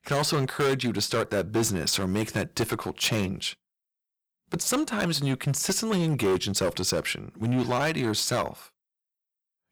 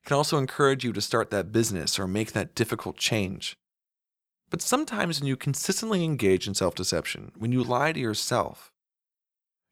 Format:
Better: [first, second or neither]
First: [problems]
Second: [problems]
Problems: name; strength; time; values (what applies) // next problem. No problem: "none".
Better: second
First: distortion; heavy; 9% of the sound clipped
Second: none